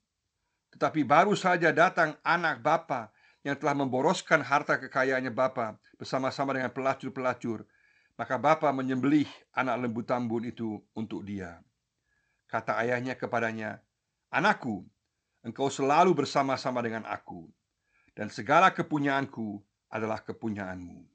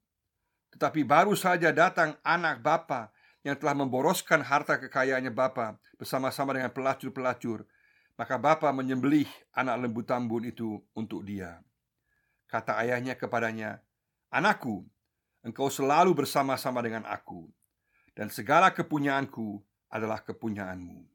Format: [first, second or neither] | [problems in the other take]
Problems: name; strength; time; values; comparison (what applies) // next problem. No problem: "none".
second | garbled, watery; slightly; nothing above 8 kHz